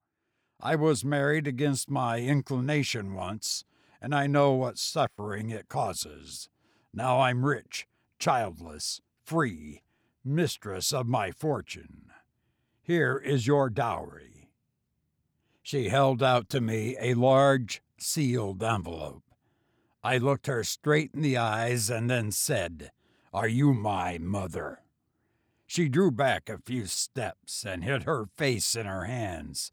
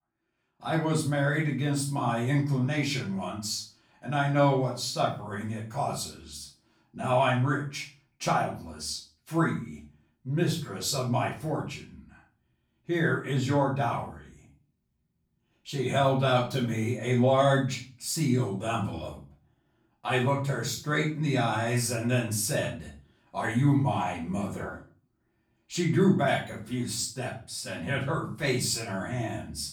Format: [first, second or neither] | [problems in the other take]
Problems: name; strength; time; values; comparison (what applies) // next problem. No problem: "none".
first | room echo; slight; dies away in 0.4 s // off-mic speech; far